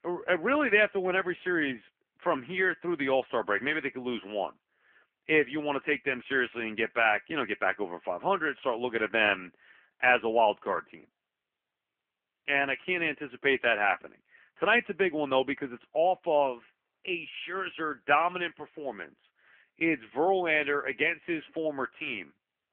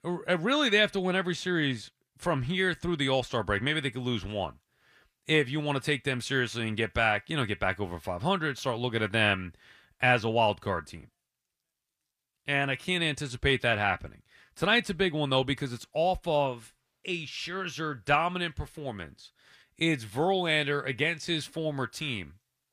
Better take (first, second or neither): second